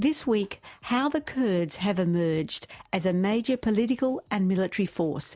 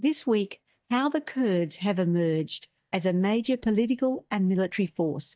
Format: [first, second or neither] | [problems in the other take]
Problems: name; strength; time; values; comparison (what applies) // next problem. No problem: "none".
first | noise reduction (neural mask model DeepFilterNet 3)